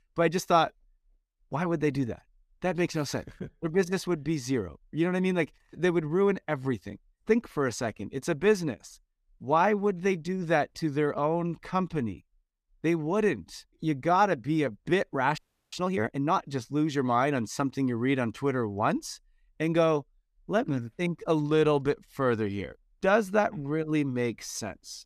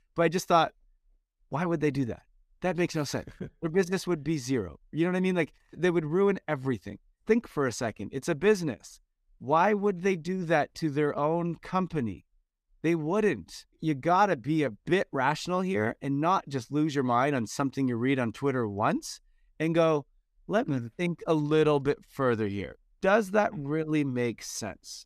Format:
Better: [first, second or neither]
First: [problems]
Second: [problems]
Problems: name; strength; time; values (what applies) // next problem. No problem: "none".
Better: second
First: audio freezing; at 15 s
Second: none